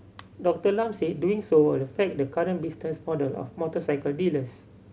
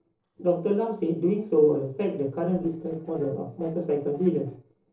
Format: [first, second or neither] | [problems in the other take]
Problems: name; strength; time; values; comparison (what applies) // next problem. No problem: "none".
first | noise reduction (neural separator model SepFormer DNS4)